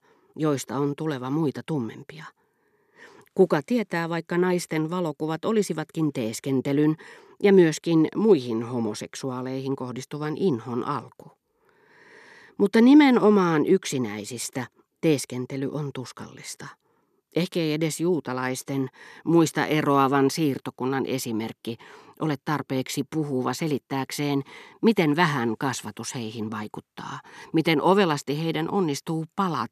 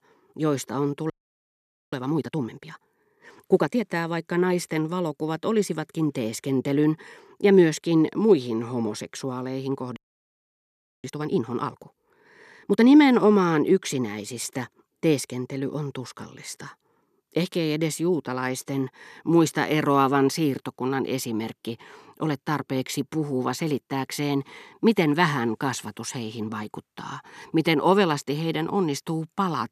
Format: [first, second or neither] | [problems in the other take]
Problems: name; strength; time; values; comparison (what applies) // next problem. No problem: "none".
first | audio freezing; at 1 s for 1 s and at 10 s for 1 s